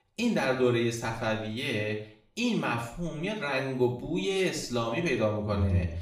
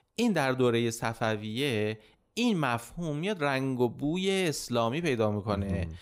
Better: second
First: room echo; noticeable; dies away in 0.6 s // off-mic speech; far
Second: none

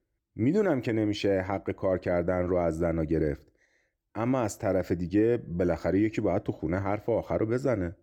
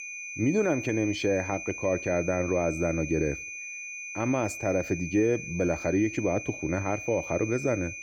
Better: first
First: none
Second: high-pitched whine; loud; throughout; 2.5 kHz, 8 dB below the speech

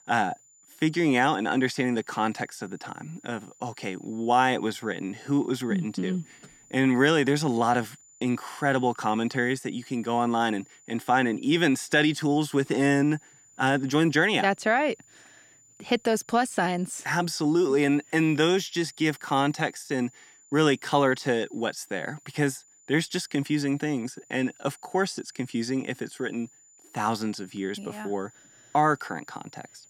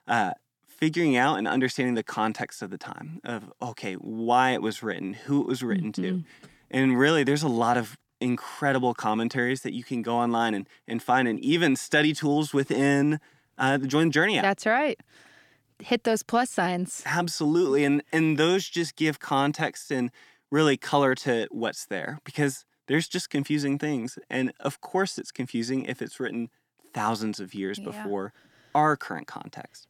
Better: second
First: high-pitched whine; faint; throughout; 7 kHz, 25 dB below the speech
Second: none

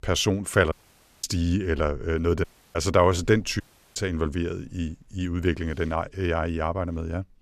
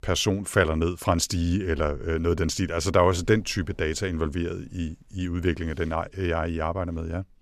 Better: second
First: audio cutting out; at 0.5 s for 0.5 s, at 2.5 s and at 3.5 s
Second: none

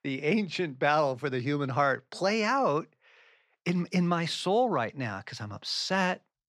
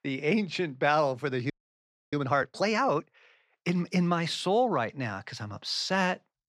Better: first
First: none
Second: audio freezing; at 1.5 s for 0.5 s

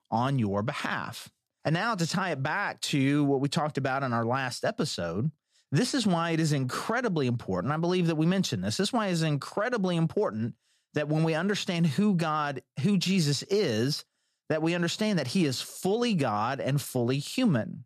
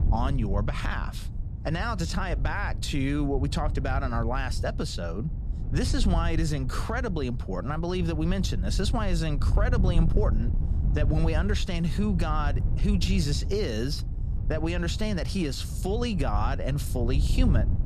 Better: first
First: none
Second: wind noise on the microphone; occasional gusts; 15 dB below the speech

